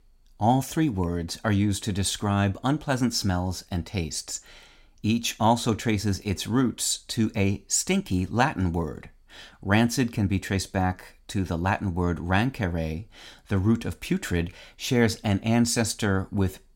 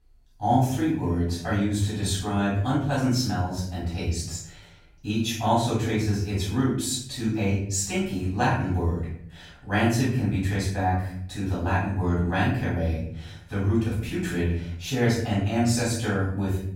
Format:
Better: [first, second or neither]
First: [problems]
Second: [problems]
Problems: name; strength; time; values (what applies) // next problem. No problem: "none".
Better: first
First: none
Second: room echo; noticeable; dies away in 0.7 s // off-mic speech; far